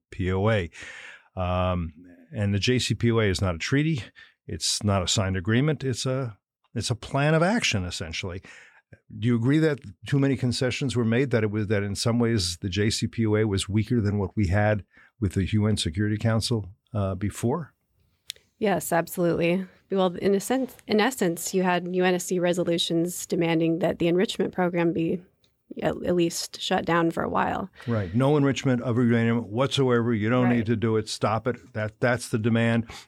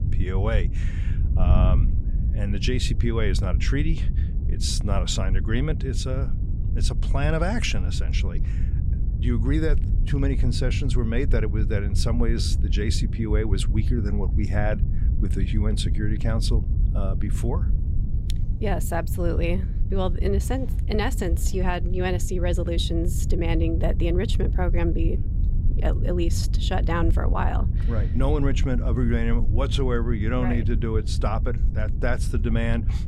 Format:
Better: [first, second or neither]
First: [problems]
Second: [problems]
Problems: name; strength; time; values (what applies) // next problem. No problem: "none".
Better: first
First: none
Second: wind noise on the microphone; occasional gusts; 10 dB below the speech